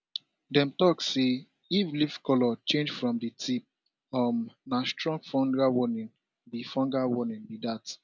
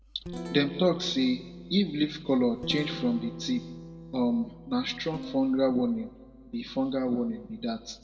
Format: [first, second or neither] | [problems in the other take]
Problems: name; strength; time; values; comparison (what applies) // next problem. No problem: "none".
first | background sound (Guitar); 14 dB below the speech // room echo; dies away in 1.2 s